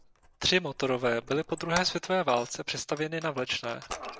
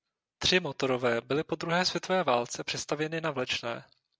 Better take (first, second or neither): second